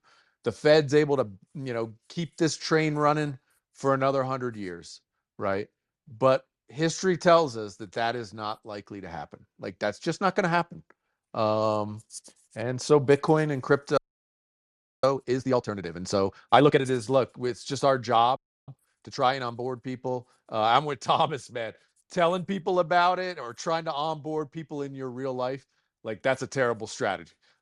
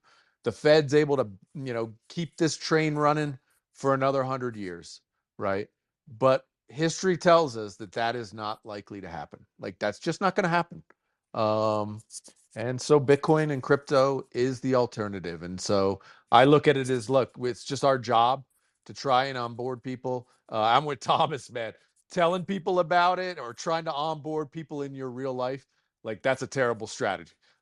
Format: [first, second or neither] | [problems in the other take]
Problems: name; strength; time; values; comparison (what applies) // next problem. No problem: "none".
second | audio freezing; at 14 s for 1 s and at 18 s